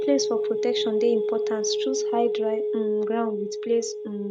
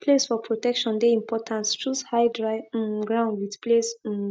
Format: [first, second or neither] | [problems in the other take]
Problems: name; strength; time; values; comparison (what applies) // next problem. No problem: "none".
second | background sound (Telephone); as loud as the speech